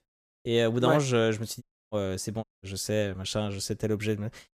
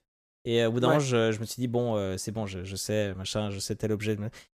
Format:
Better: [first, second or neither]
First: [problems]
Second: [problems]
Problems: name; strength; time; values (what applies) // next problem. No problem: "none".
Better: second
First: audio cutting out; at 1.5 s and at 2.5 s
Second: none